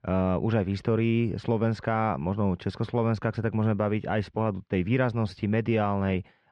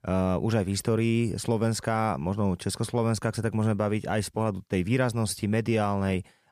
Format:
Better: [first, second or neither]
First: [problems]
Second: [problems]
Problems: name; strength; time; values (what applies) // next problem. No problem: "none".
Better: second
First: muffled; slightly; fading above 3 kHz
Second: none